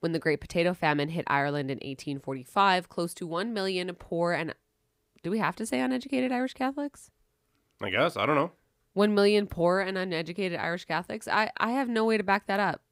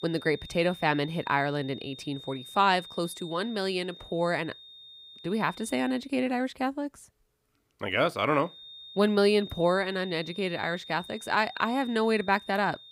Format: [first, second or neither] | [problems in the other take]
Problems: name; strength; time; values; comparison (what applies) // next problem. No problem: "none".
first | high-pitched whine; noticeable; until 6 s and from 8.5 s on; 3.5 kHz, 15 dB below the speech